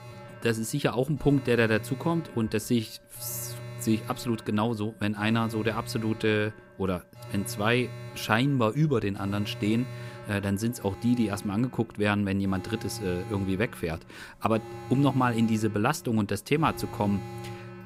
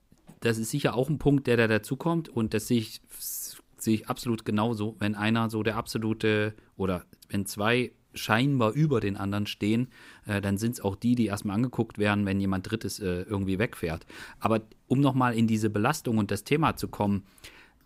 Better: second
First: alarms or sirens; noticeable; throughout; 15 dB below the speech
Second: none

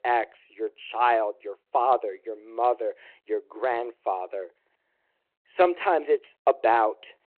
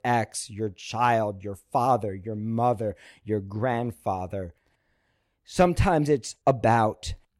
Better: second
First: phone-call audio; nothing above 4 kHz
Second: none

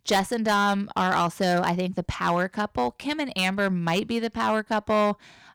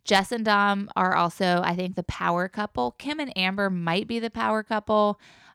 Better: second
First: distortion; slight; 6% of the sound clipped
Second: none

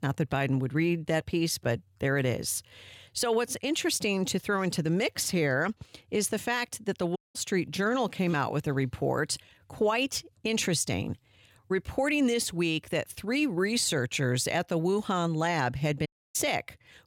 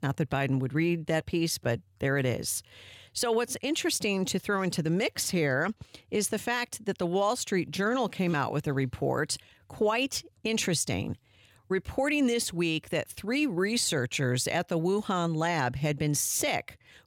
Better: second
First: audio cutting out; at 7 s and at 16 s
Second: none

